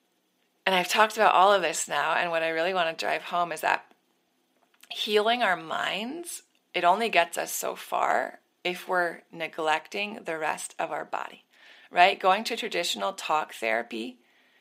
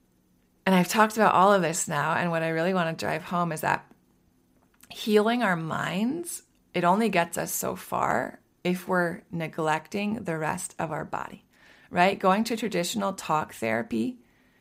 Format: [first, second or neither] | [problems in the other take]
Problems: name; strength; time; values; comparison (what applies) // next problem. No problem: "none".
second | thin; somewhat; fading below 400 Hz